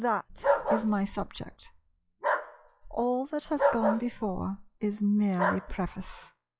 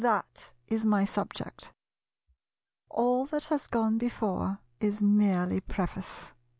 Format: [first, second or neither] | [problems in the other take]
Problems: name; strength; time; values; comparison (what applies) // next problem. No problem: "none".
second | noise reduction (classical method log-MMSE)